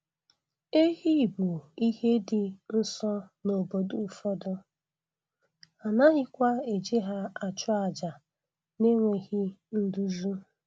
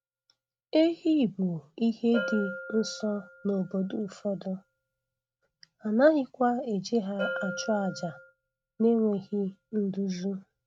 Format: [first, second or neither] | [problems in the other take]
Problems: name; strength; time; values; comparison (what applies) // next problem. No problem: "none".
first | noise reduction (neural mask model RNNoise)